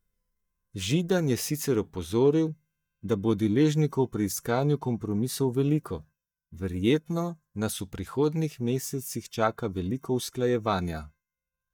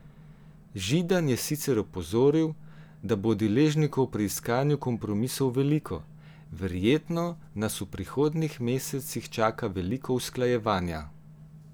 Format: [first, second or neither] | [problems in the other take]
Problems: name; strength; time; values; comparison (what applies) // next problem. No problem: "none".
second | noise reduction (neural mask model DeepFilterNet 3)